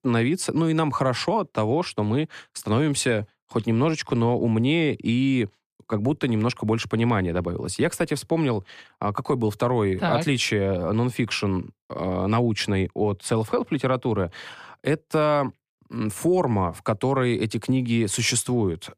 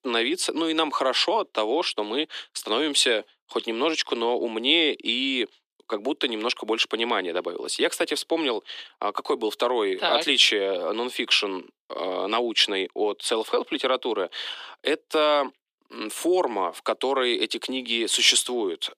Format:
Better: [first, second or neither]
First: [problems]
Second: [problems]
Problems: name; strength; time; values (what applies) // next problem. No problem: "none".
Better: first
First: none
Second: thin; somewhat; fading below 300 Hz